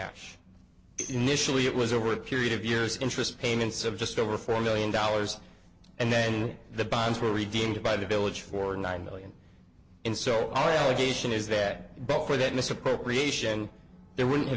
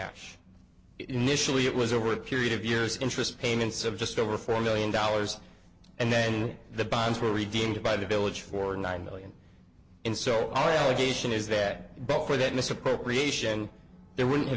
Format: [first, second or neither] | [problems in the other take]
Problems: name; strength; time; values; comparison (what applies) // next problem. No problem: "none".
second | background sound (Tambourine); 15 dB below the speech